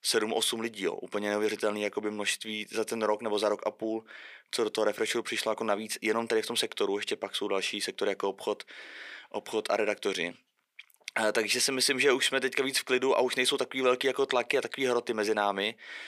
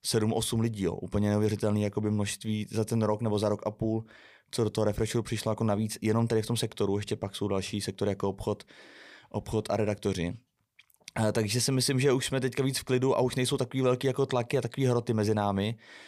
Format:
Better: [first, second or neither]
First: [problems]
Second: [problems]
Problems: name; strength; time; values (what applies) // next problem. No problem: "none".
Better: second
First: thin; somewhat; fading below 300 Hz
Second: none